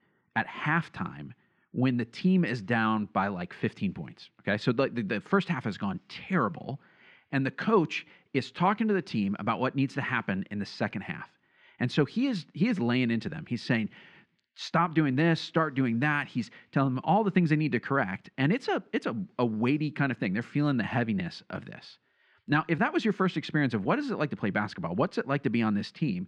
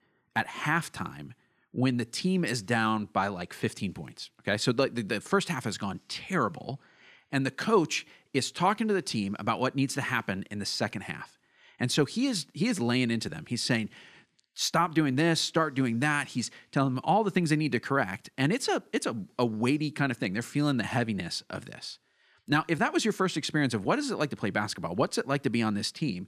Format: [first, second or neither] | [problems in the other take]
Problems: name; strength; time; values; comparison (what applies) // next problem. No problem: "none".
second | muffled; slightly; fading above 2.5 kHz